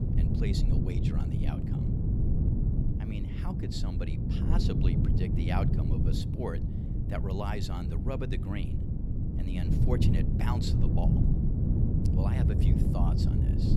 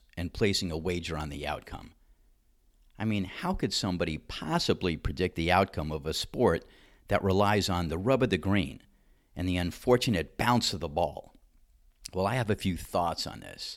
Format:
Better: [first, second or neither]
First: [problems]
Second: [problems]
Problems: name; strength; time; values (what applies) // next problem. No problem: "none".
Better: second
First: wind noise on the microphone; heavy; 1 dB above the speech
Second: none